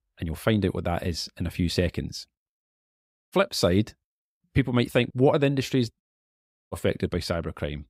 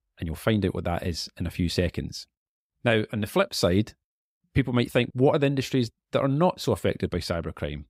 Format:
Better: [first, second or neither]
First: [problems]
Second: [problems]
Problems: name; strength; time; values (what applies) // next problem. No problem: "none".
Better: second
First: audio cutting out; at 2.5 s for 0.5 s and at 6 s for 0.5 s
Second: none